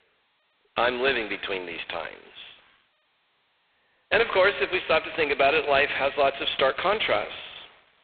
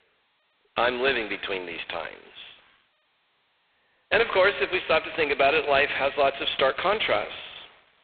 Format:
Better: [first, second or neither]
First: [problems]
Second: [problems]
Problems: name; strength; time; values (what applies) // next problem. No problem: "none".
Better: neither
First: phone-call audio; poor line; nothing above 4 kHz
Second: phone-call audio; poor line; nothing above 4 kHz